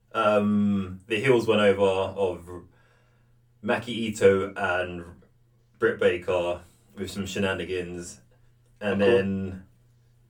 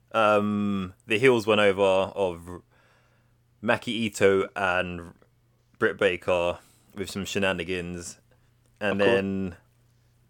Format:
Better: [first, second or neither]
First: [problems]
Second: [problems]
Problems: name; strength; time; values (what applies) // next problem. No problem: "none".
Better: second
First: off-mic speech; far // room echo; very slight; dies away in 0.2 s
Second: none